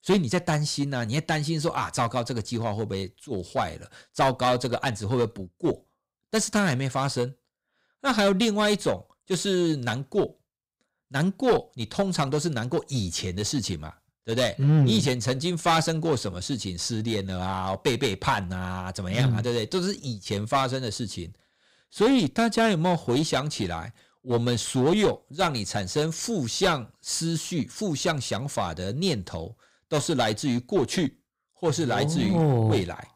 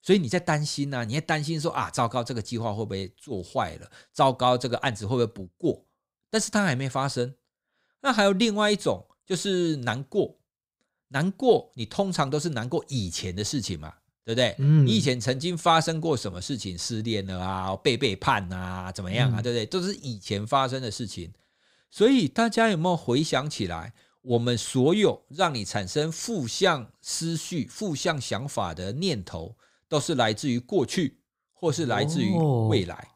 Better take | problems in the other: second | distortion; slight; 5% of the sound clipped

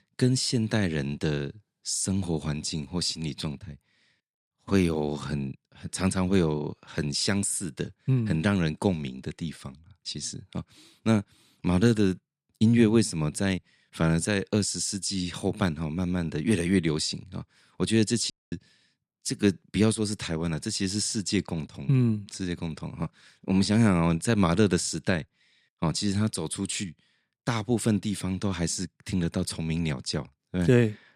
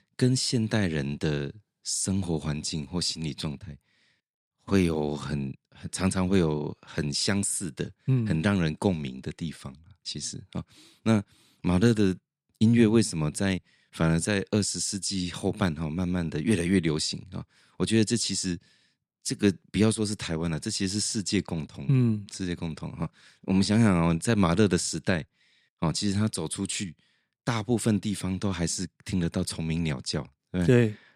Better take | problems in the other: second | audio cutting out; at 18 s

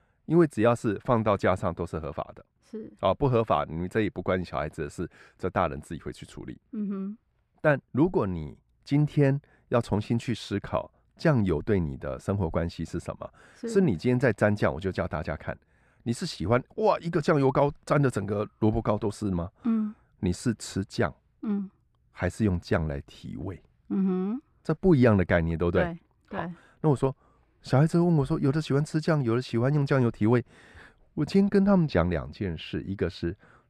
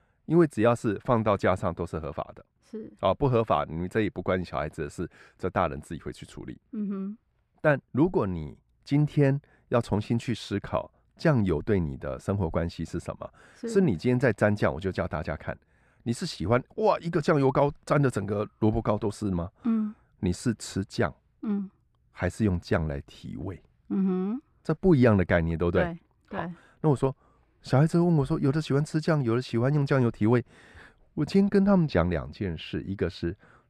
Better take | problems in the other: neither | muffled; slightly; fading above 2.5 kHz; the same in both

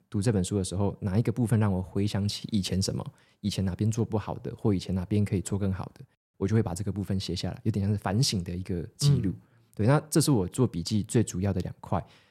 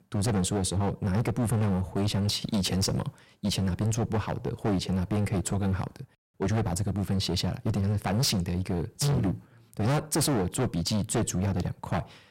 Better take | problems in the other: first | distortion; heavy; 21% of the sound clipped

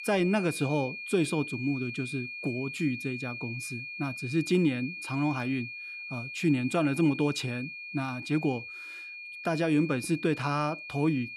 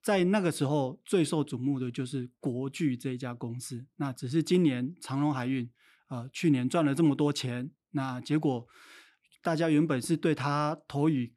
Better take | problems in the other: second | high-pitched whine; loud; throughout; 2.5 kHz, 8 dB below the speech

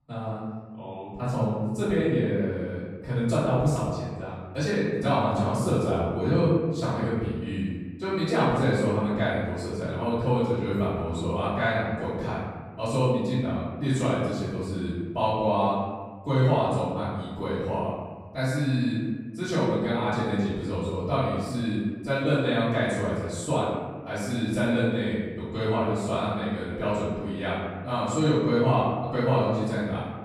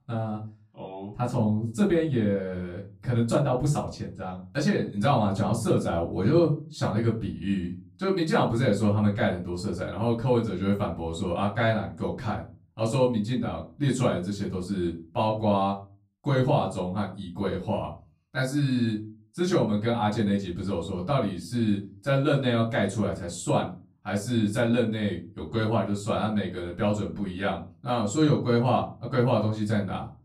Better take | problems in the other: second | room echo; strong; dies away in 1.3 s; slight in the second // off-mic speech; far; far in the second

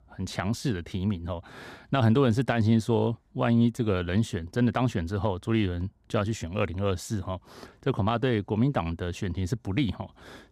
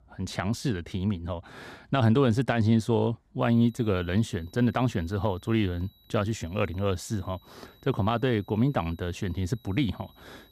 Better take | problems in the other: first | high-pitched whine; faint; from 3.5 s on; 4 kHz, 30 dB below the speech

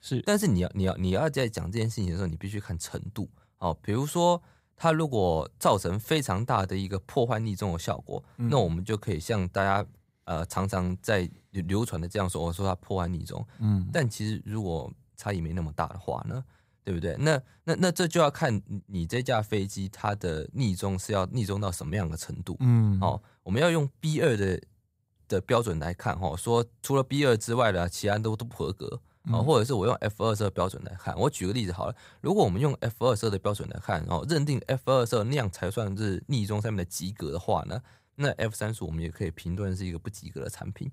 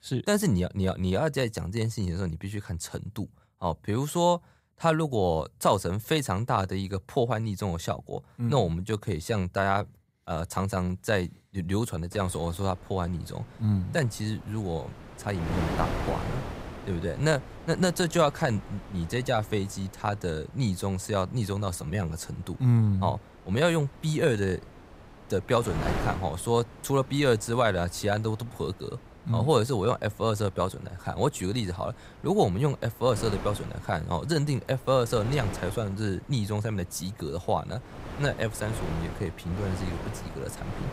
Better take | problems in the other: first | wind noise on the microphone; occasional gusts; from 12 s on; 10 dB below the speech

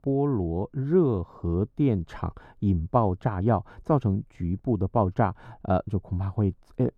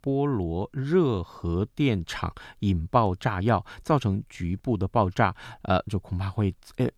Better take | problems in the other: second | muffled; very; fading above 1.5 kHz

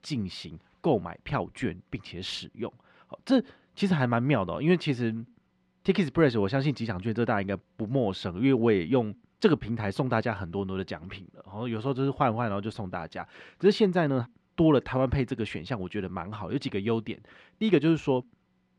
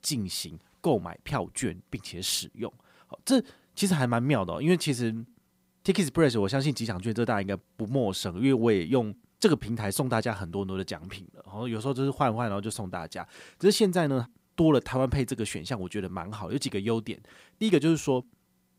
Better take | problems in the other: second | muffled; slightly; fading above 2.5 kHz

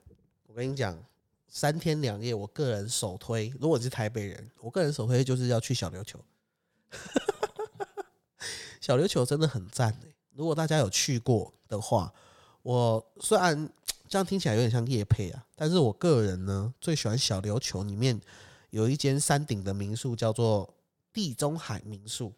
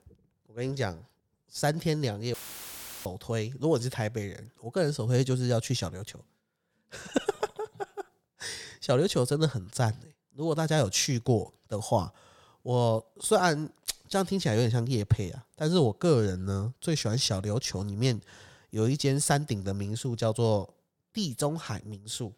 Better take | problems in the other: first | audio cutting out; filled with static; at 2.5 s for 0.5 s

